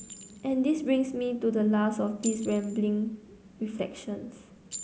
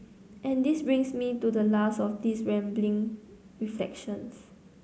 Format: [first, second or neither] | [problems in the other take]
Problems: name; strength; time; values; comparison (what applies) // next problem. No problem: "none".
second | background sound (Chink, clink); 17 dB below the speech